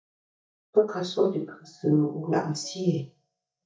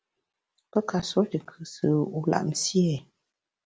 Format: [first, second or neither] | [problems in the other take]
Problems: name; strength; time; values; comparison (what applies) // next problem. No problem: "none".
second | noise reduction (neural mask model DeepFilterNet 3)